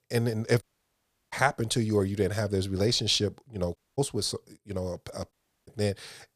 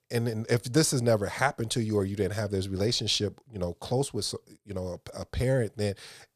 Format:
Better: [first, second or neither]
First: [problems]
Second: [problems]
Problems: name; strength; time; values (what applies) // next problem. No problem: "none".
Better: second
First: audio cutting out; at 0.5 s for 0.5 s, at 4 s and at 5.5 s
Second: none